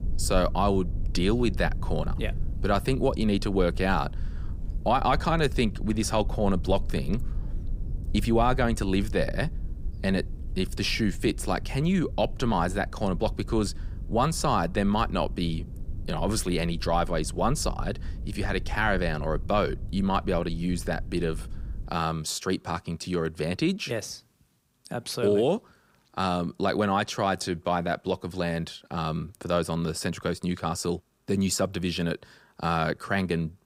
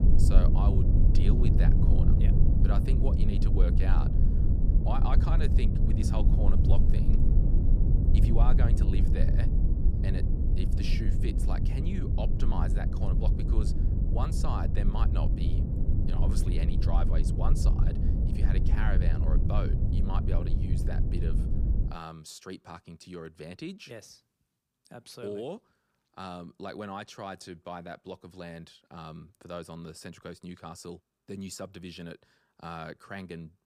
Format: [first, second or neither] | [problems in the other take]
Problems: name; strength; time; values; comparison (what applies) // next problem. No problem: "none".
first | low rumble; loud; until 22 s; as loud as the speech; faint in the first